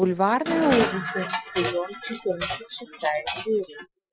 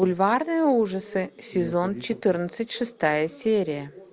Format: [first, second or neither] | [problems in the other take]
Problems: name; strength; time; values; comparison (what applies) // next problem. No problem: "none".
second | noise reduction (classical method Wiener filter)